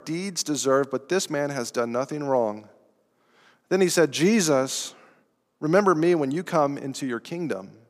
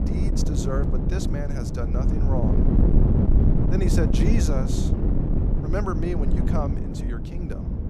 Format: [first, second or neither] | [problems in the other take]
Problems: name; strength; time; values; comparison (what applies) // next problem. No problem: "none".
first | wind noise on the microphone; heavy; 1 dB above the speech